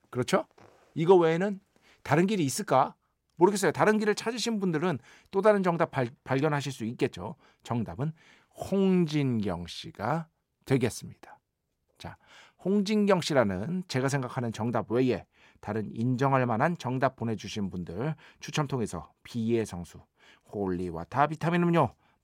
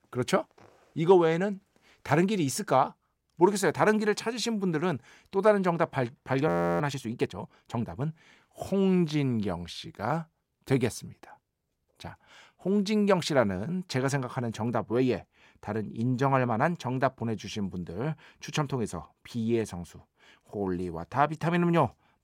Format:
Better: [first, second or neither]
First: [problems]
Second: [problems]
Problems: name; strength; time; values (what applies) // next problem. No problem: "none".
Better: first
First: none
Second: audio freezing; at 6.5 s